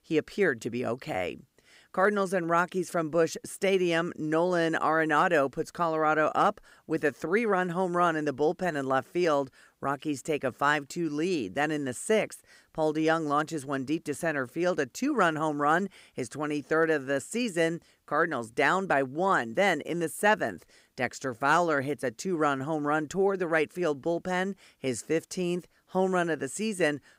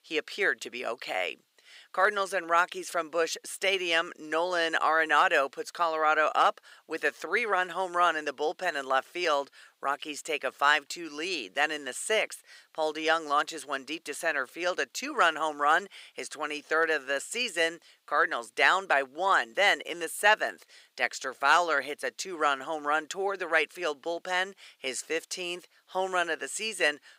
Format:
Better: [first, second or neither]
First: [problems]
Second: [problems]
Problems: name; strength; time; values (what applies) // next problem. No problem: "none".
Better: first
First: none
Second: thin; very; fading below 600 Hz